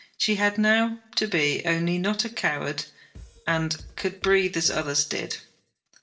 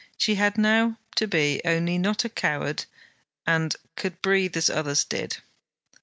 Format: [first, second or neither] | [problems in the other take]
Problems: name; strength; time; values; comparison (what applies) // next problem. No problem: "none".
second | background sound (Drum kit); 20 dB below the speech // room echo; dies away in 0.4 s